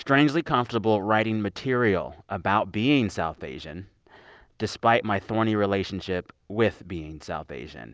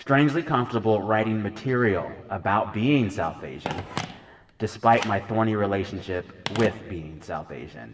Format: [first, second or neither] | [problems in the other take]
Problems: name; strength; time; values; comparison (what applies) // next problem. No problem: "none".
first | background sound (Telephone); 16 dB below the speech // room echo; dies away in 3 s